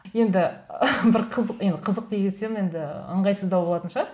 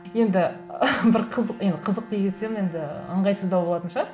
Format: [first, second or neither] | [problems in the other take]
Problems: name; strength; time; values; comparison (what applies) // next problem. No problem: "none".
first | background sound (Bowed string instrument); 19 dB below the speech